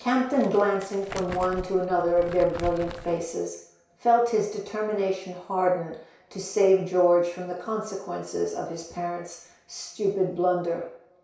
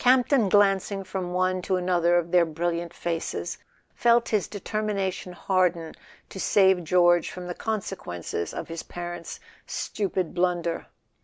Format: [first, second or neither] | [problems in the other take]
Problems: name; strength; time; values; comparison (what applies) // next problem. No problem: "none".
second | background sound (Crumpling, crinkling); 14 dB below the speech // room echo; dies away in 0.6 s